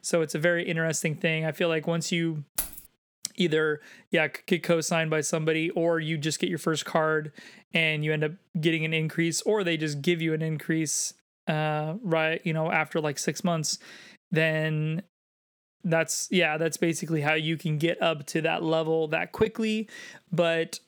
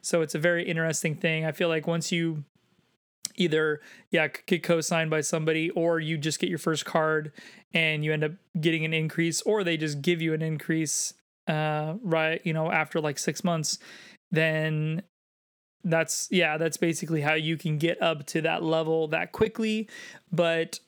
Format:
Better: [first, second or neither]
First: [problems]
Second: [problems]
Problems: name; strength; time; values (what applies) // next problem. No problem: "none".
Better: second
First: jangling keys; noticeable; at 2.5 s; peak 4 dB below the speech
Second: none